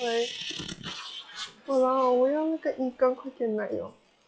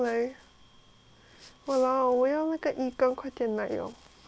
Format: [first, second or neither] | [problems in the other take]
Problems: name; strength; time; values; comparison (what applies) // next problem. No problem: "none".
second | noise reduction (classical method log-MMSE)